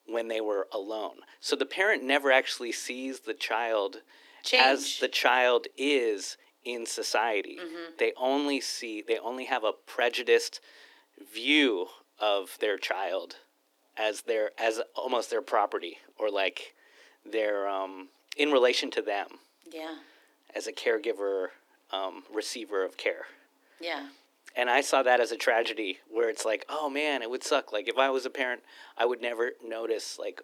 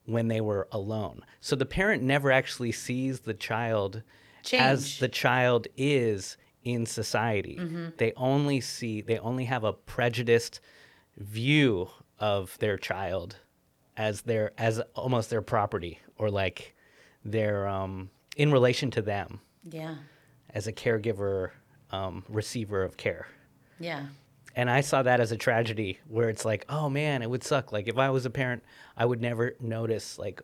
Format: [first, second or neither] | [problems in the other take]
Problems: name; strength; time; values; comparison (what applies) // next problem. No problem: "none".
second | thin; somewhat; fading below 300 Hz